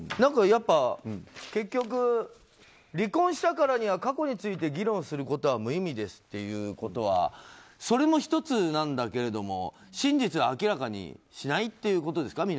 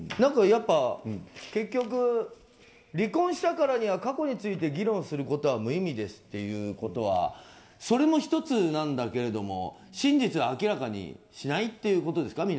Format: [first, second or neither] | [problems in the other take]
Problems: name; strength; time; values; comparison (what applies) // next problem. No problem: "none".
first | room echo; dies away in 1.6 s